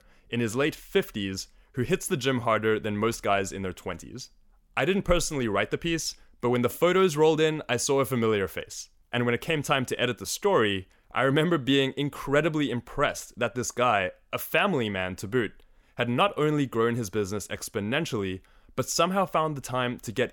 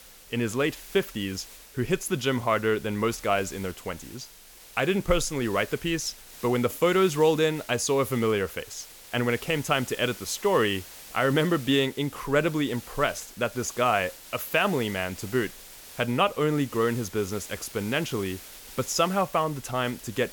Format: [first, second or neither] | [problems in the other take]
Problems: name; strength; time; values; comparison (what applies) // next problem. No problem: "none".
first | hiss; noticeable; throughout; 15 dB below the speech